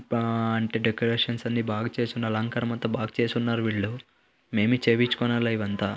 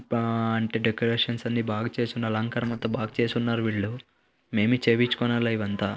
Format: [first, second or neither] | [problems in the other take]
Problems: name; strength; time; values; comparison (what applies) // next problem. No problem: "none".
first | noise reduction (neural separator model SepFormer DNS4)